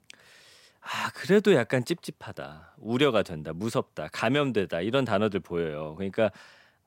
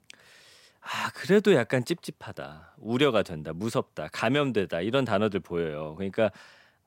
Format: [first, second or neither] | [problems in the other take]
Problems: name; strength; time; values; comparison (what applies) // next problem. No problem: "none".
neither | none